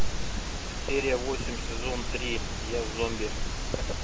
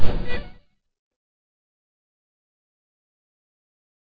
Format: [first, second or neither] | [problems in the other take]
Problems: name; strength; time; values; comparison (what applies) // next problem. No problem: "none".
first | noise reduction (neural mask model DeepFilterNet 3)